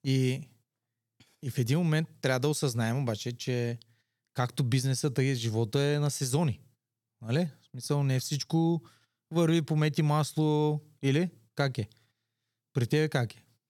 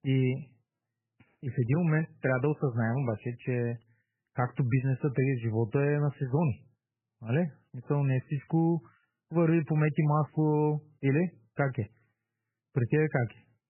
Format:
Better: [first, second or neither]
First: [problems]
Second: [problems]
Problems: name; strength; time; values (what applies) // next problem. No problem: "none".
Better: first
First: none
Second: garbled, watery; badly; nothing above 3 kHz